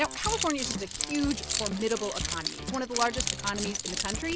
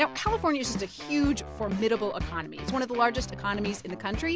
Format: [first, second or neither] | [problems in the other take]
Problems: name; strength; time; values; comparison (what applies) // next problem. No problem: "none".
second | background sound (Keys jangling); 3 dB below the speech